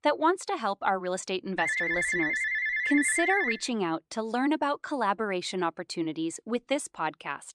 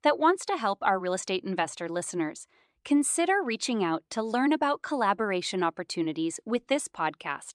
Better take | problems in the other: second | phone ringing; loud; from 1.5 to 3.5 s; peak 3 dB above the speech

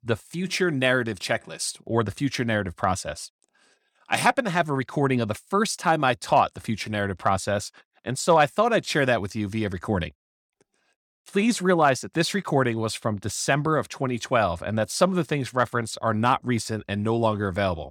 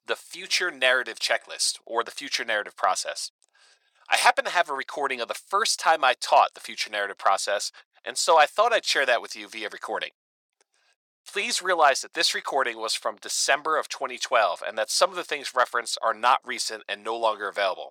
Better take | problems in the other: first | thin; very; fading below 550 Hz

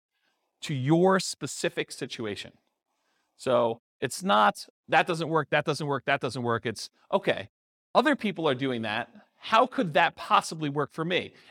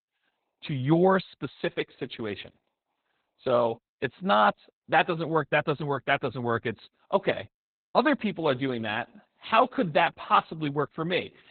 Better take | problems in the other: first | garbled, watery; badly; nothing above 4 kHz

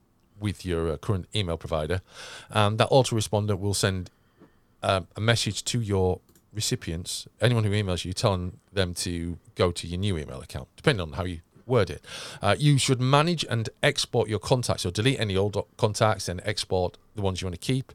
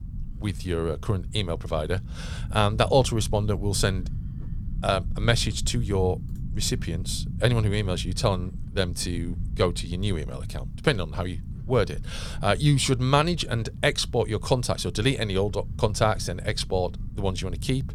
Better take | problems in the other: first | low rumble; faint; throughout; 20 dB below the speech

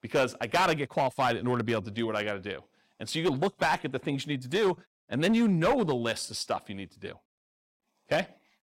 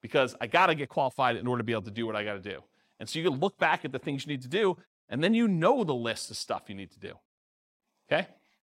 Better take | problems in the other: second | distortion; slight; 5% of the sound clipped

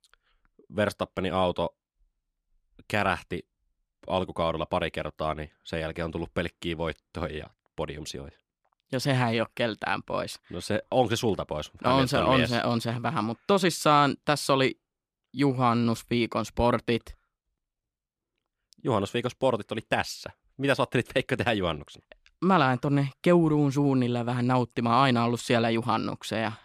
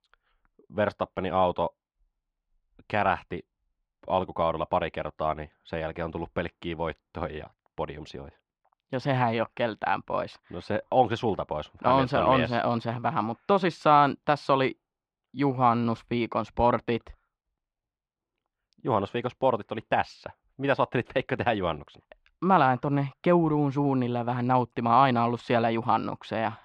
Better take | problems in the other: first | muffled; slightly; fading above 3 kHz

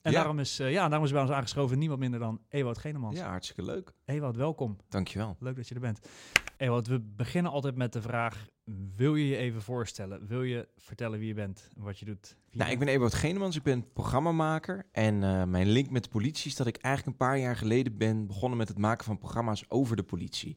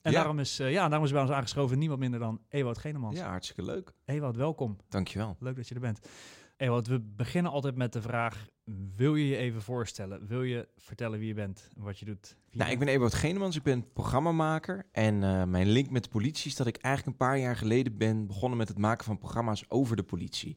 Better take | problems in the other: second | keyboard typing; very faint; at 6.5 s; peak 3 dB above the speech

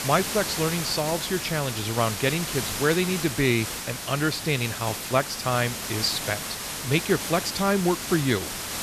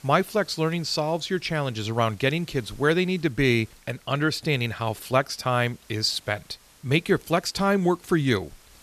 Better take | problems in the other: second | hiss; loud; throughout; 4 dB below the speech; faint in the second

